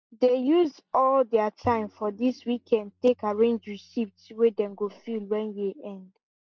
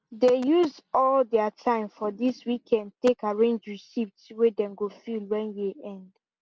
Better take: second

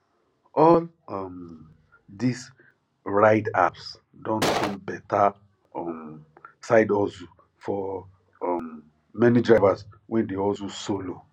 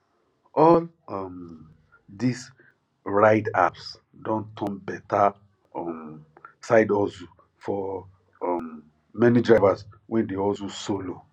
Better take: second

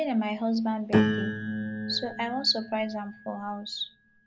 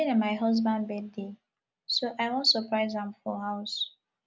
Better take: second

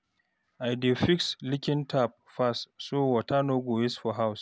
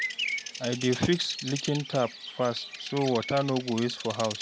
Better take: first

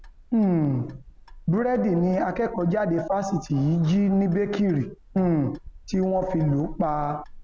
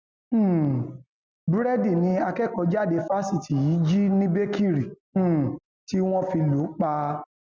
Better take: second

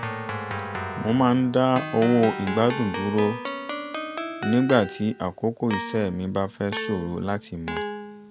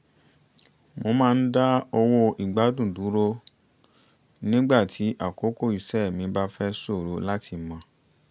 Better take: second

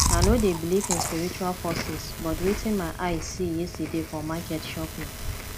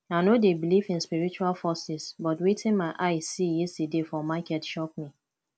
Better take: second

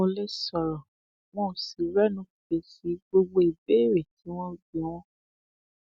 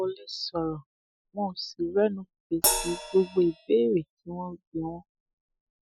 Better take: first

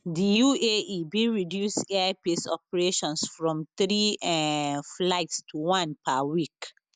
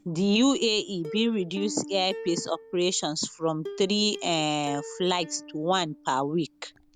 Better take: first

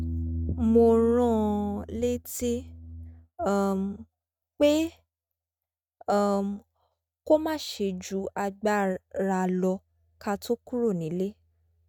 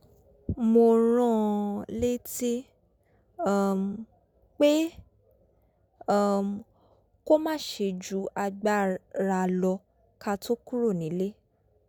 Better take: second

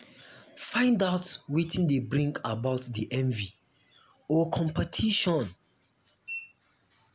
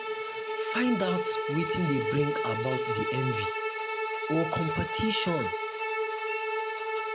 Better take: first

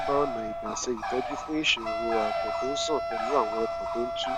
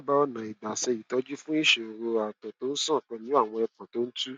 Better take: second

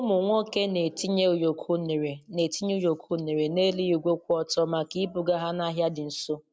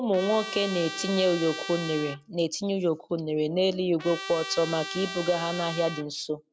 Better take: first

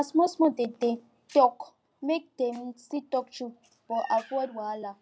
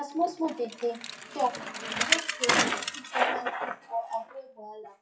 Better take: first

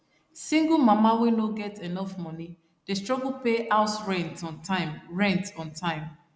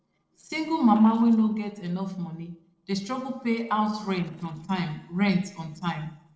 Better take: first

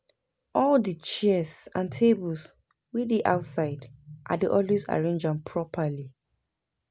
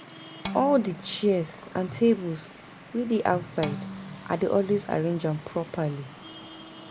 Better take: first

